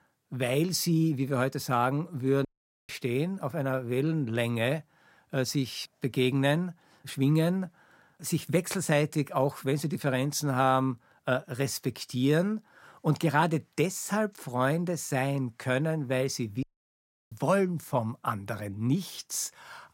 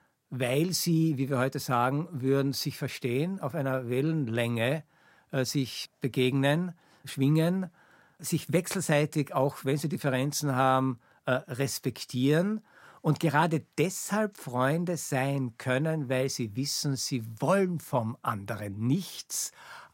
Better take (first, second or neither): second